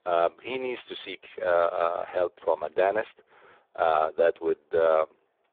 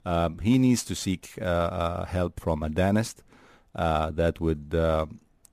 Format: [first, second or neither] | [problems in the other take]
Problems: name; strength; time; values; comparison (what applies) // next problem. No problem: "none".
second | phone-call audio; poor line; nothing above 3.5 kHz